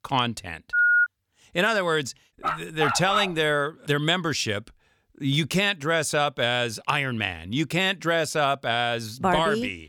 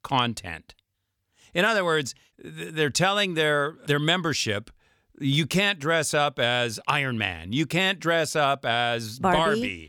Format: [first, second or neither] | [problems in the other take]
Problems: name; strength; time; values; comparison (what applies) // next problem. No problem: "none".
second | phone ringing; loud; at 0.5 s; peak 5 dB above the speech // dog barking; noticeable; at 2.5 s; peak 2 dB below the speech